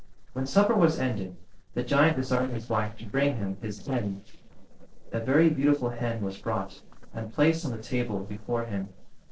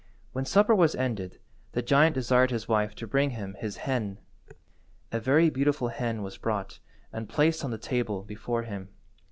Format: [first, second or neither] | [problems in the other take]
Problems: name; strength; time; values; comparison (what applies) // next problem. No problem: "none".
second | noise reduction (neural separator model SepFormer DNS4)